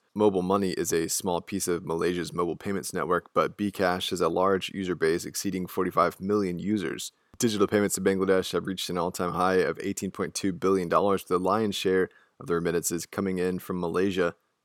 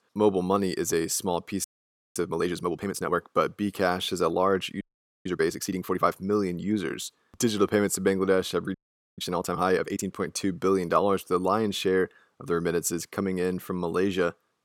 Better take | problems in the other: first | audio freezing; at 1.5 s for 0.5 s, at 5 s and at 8.5 s

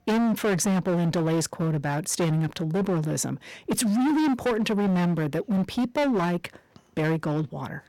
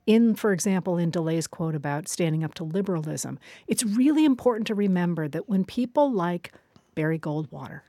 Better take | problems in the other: second | distortion; heavy; 23% of the sound clipped

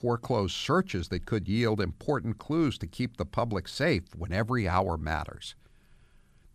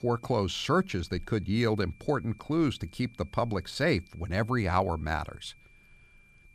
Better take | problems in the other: first | high-pitched whine; faint; throughout; 2.5 kHz, 30 dB below the speech

